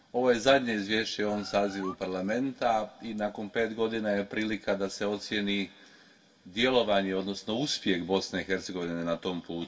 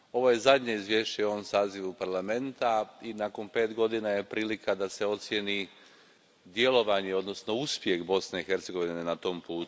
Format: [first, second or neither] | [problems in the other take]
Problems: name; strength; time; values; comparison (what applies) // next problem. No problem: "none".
second | background sound (Bird); 14 dB below the speech // room echo; dies away in 0.2 s